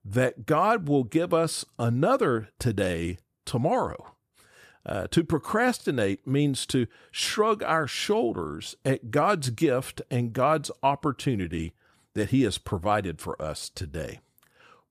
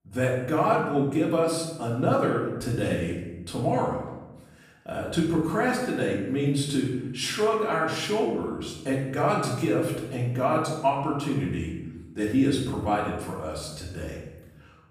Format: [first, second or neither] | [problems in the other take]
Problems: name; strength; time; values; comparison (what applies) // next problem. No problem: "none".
first | off-mic speech; far // room echo; noticeable; dies away in 0.9 s